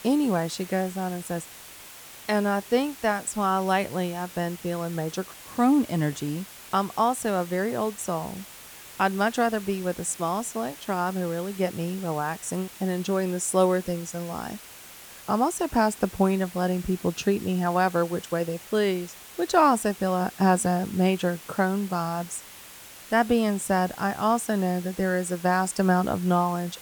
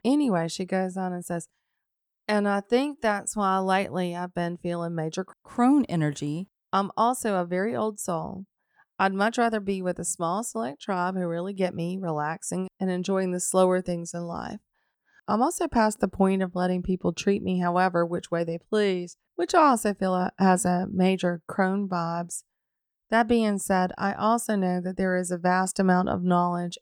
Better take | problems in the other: second | hiss; noticeable; throughout; 15 dB below the speech

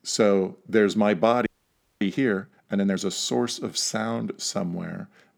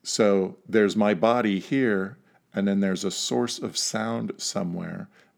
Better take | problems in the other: second | audio freezing; at 1.5 s for 0.5 s

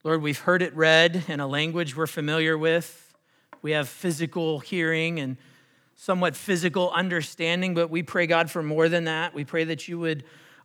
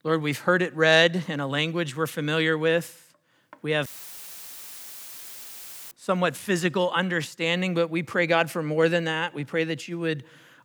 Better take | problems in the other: first | audio cutting out; filled with static; at 4 s for 2 s

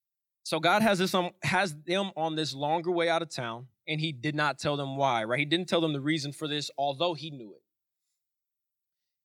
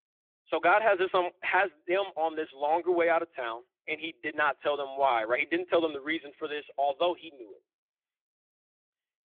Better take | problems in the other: first | phone-call audio; nothing above 3.5 kHz

